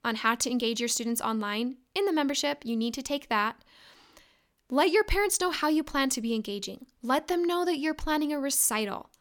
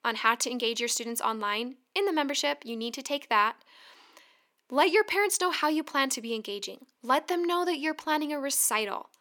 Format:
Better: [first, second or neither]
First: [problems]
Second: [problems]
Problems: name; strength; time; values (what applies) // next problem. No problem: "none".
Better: first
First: none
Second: thin; very slightly; fading below 400 Hz